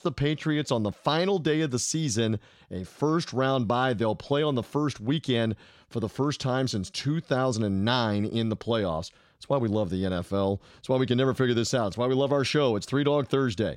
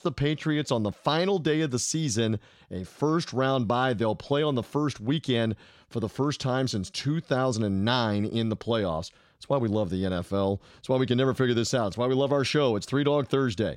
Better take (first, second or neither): neither